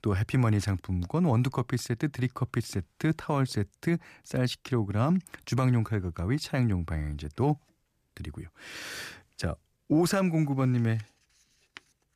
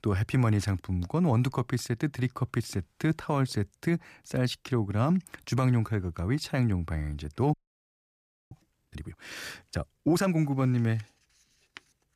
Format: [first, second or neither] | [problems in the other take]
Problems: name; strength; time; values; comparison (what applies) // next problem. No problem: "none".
first | audio freezing; at 7.5 s for 1 s